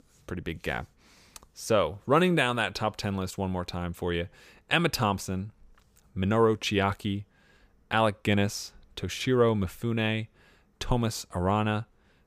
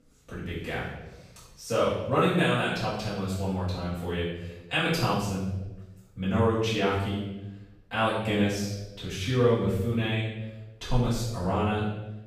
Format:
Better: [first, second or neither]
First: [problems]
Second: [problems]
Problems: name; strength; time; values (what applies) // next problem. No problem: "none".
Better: first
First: none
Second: off-mic speech; far // room echo; strong; dies away in 0.9 s